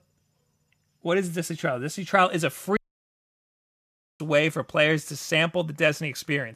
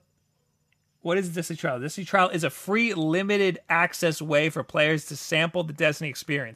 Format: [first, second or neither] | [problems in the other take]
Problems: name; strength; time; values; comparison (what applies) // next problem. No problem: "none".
second | audio cutting out; at 3 s for 1.5 s